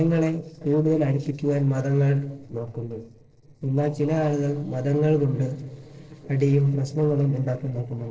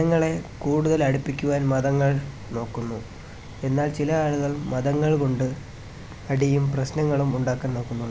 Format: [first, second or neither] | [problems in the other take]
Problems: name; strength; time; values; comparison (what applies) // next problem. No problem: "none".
second | noise reduction (neural separator model SepFormer DNS4)